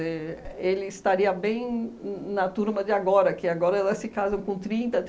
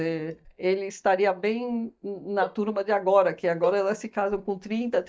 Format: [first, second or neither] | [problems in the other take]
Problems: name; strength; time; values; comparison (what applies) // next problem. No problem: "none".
first | noise reduction (neural mask model DeepFilterNet 3)